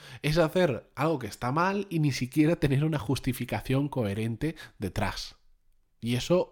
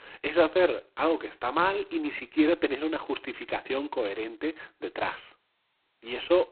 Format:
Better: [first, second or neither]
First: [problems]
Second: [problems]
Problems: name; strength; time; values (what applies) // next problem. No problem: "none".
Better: first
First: none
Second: phone-call audio; poor line; nothing above 4 kHz